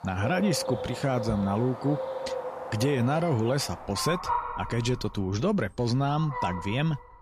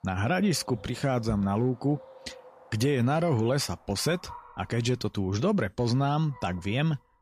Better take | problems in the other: second | animal sounds; loud; throughout; 7 dB below the speech; faint in the second

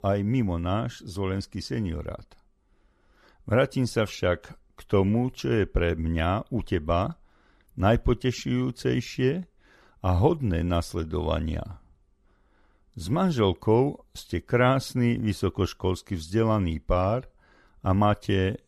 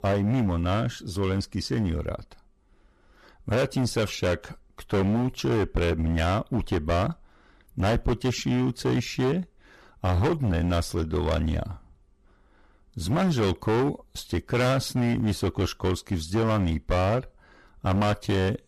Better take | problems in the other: first | distortion; heavy; 16% of the sound clipped

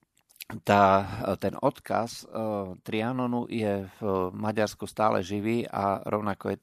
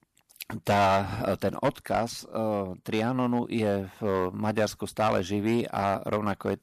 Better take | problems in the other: first | distortion; heavy; 4% of the sound clipped

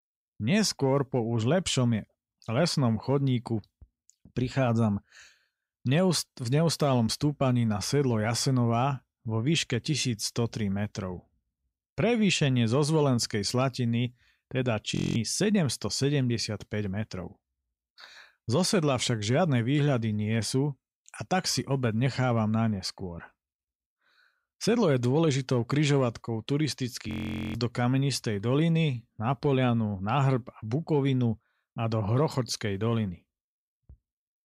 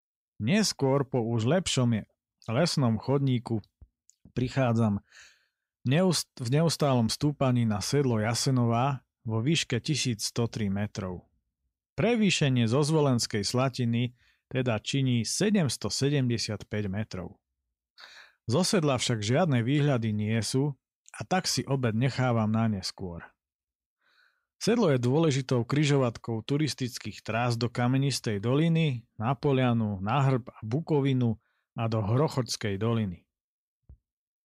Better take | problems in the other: second | audio freezing; at 15 s and at 27 s

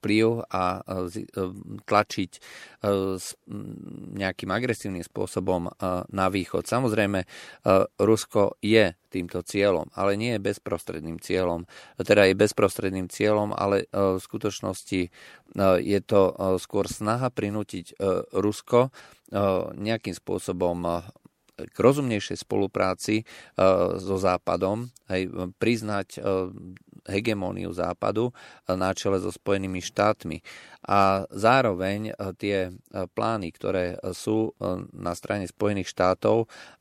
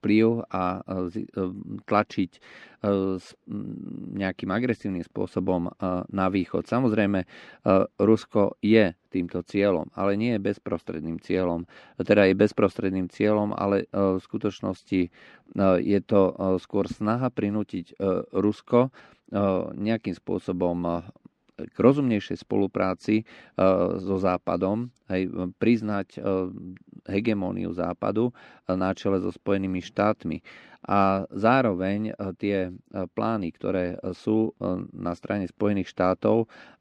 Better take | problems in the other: first | muffled; slightly; fading above 3.5 kHz

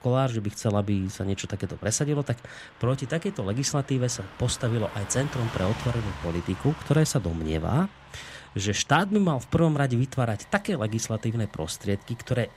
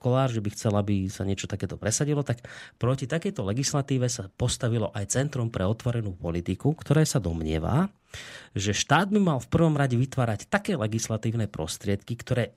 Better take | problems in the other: second | traffic noise; noticeable; throughout; 15 dB below the speech

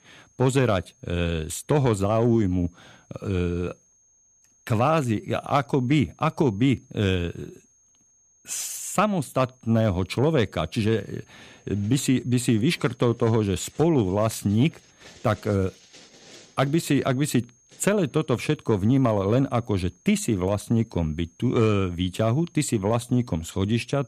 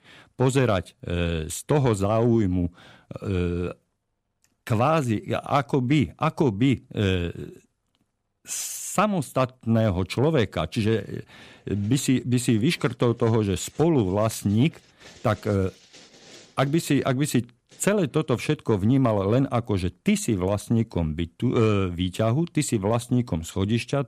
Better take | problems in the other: second | high-pitched whine; faint; throughout; 6.5 kHz, 35 dB below the speech

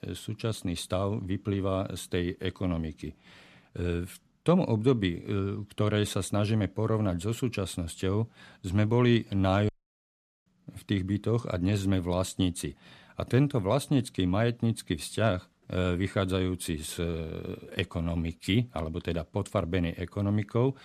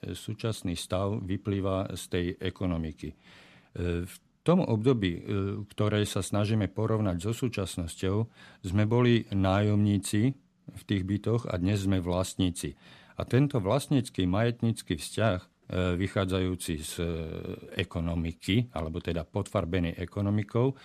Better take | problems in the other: second | audio cutting out; at 9.5 s for 1 s

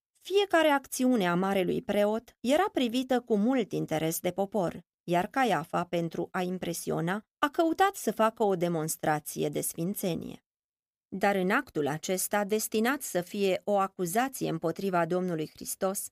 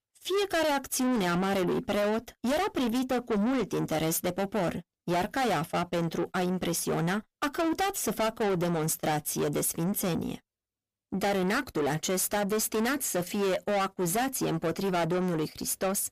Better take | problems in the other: first | distortion; heavy; 6 dB below the speech

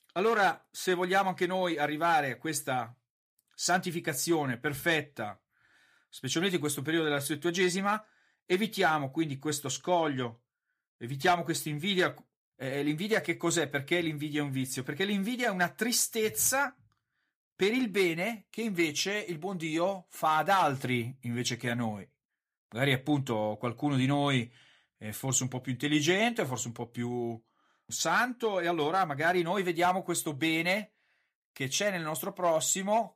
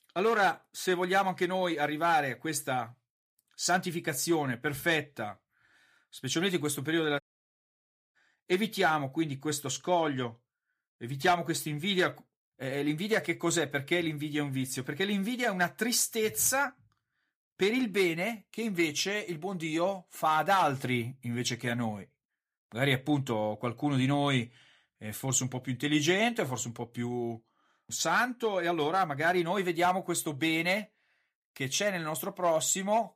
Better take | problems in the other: first | audio cutting out; at 7 s for 1 s

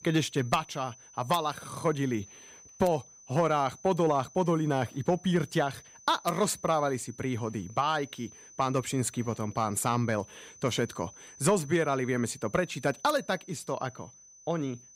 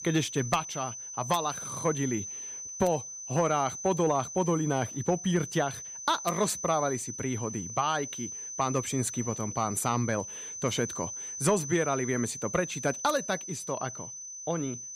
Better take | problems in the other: first | high-pitched whine; loud; throughout; 6 kHz, 7 dB below the speech; faint in the first

